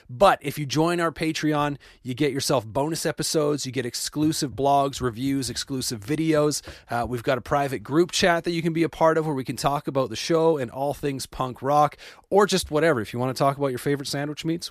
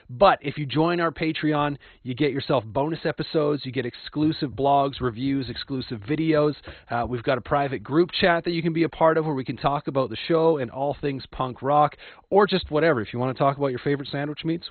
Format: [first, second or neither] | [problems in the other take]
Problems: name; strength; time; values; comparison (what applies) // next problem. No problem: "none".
first | garbled, watery; badly; nothing above 4 kHz